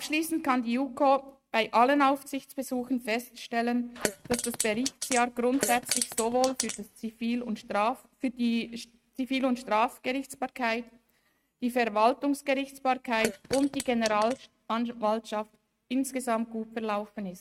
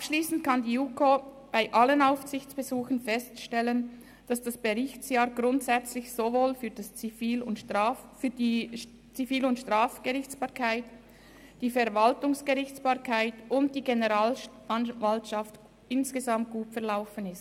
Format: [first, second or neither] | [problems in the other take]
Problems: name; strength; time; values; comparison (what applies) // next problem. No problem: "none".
second | noise reduction (neural mask model RNNoise)